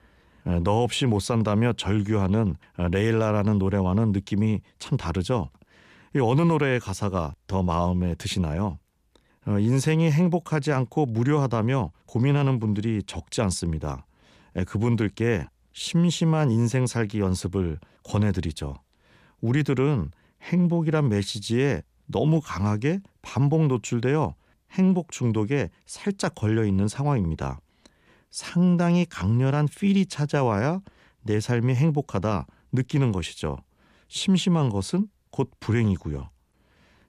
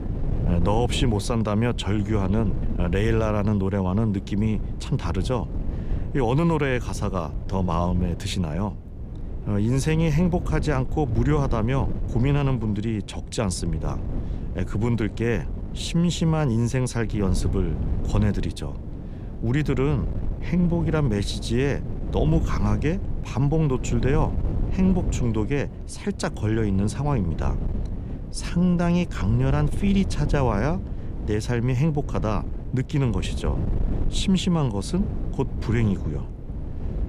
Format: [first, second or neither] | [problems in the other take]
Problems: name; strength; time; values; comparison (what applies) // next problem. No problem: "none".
first | wind noise on the microphone; occasional gusts; 10 dB below the speech